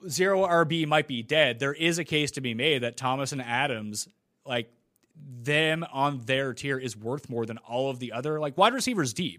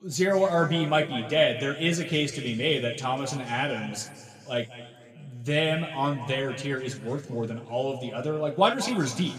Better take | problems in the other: first | room echo; slight; dies away in 1.9 s // off-mic speech; somewhat distant

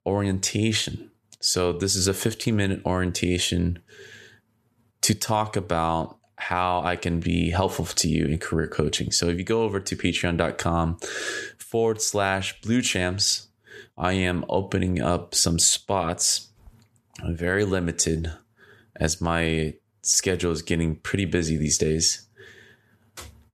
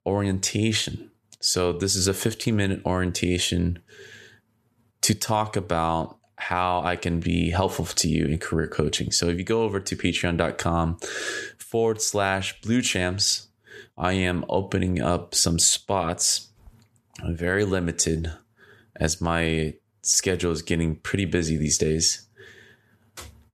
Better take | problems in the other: neither | none

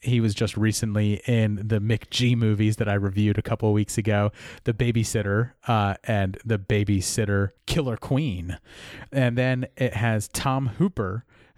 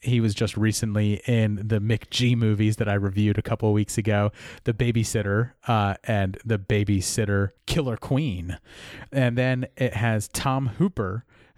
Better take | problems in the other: neither | none

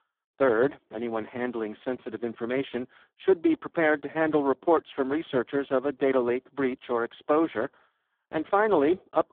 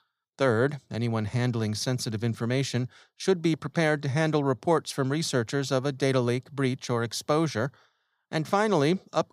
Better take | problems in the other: second | phone-call audio; poor line

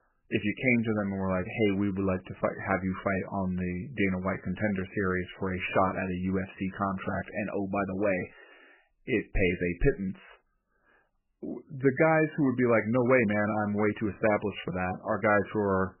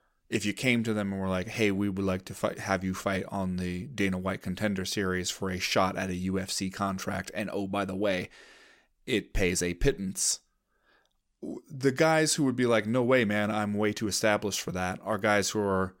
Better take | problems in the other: second | garbled, watery; badly; nothing above 3 kHz

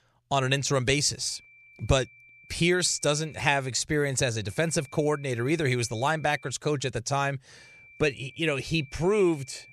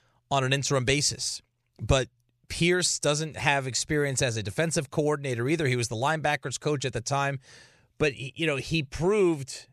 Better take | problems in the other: second | high-pitched whine; faint; from 1.5 to 3.5 s, from 4.5 to 6.5 s and from 7.5 s on; 2.5 kHz, 25 dB below the speech

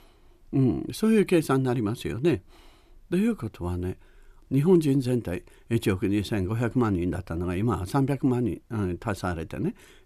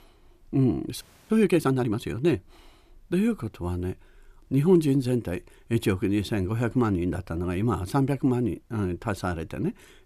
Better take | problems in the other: first | audio freezing; at 1 s

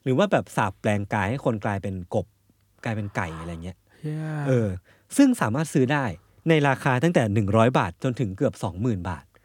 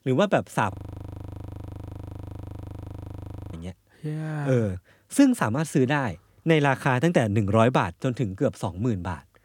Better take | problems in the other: first | audio freezing; at 0.5 s for 3 s

